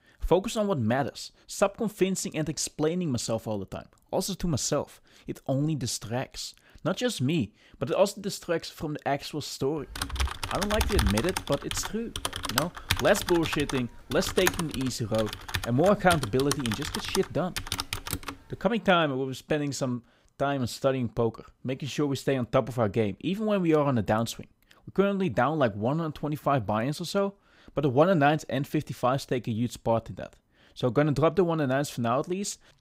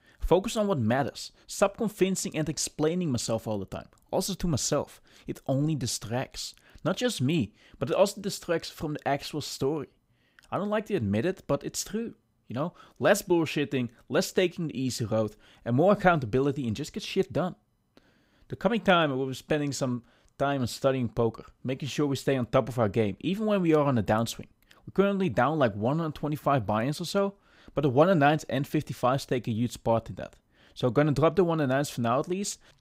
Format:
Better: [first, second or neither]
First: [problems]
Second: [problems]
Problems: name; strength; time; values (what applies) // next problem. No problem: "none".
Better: second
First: keyboard typing; loud; from 10 to 18 s; peak 1 dB above the speech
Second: none